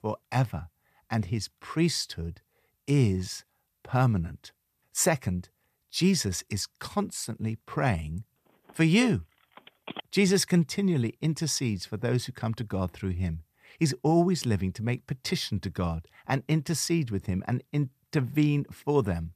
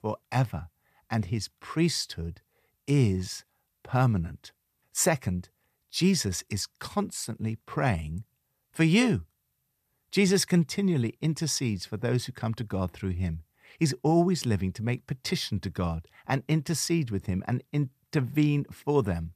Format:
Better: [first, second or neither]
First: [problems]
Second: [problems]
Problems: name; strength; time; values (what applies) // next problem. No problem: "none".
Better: second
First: phone ringing; faint; from 8.5 to 10 s; peak 15 dB below the speech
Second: none